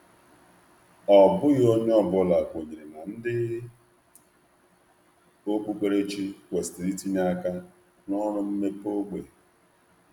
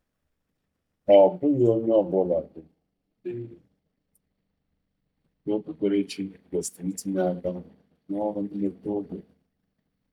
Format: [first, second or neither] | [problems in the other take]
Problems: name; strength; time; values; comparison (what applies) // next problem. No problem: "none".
first | noise reduction (neural mask model DeepFilterNet 3)